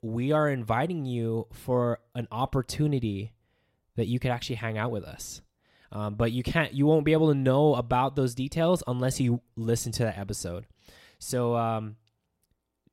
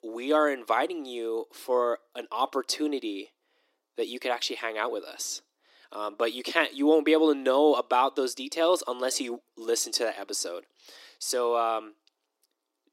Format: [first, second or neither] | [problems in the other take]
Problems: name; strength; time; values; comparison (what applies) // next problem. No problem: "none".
first | thin; somewhat; fading below 300 Hz